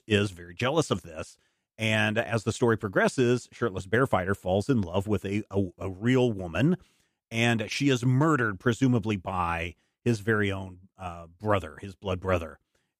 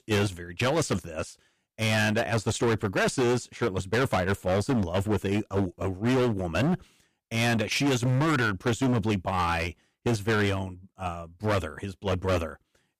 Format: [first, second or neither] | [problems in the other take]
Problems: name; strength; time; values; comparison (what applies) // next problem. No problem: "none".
first | distortion; heavy; 16% of the sound clipped